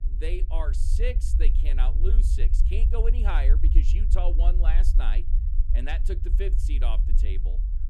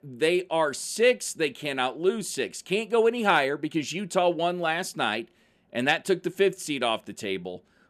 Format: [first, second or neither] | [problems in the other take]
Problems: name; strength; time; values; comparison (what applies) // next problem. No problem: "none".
second | low rumble; loud; throughout; 9 dB below the speech